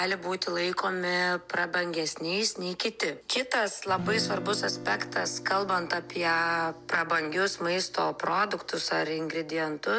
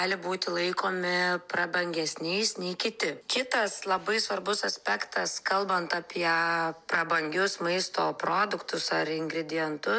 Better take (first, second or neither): second